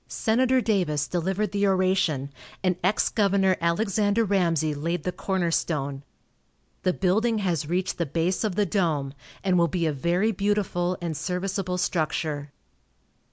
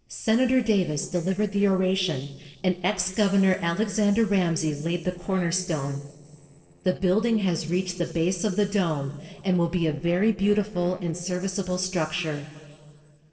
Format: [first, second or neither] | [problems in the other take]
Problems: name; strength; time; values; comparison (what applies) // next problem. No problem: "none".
first | noise reduction (neural separator model SepFormer DNS4)